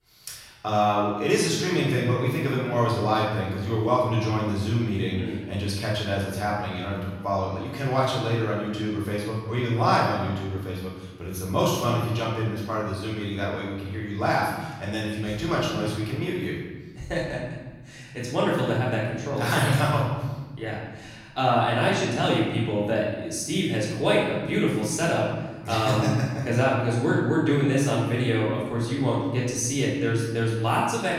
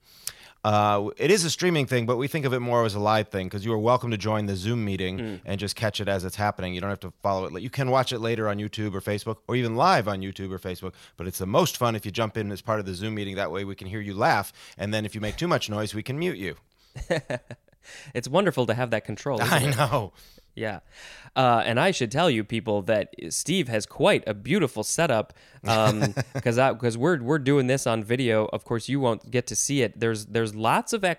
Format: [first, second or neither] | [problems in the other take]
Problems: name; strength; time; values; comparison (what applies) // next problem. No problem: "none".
second | room echo; noticeable; dies away in 1.3 s // off-mic speech; far